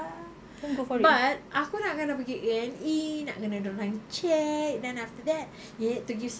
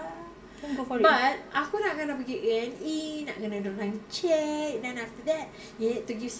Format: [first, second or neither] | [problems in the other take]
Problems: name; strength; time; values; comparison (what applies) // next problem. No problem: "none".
first | room echo; dies away in 2 s